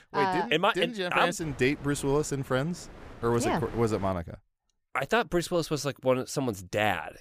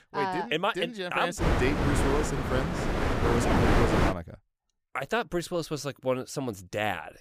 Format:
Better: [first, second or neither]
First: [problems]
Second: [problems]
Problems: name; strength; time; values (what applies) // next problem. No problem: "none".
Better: first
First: wind noise on the microphone; occasional gusts; from 1.5 to 4 s; 20 dB below the speech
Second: wind noise on the microphone; heavy; from 1.5 to 4 s; 1 dB above the speech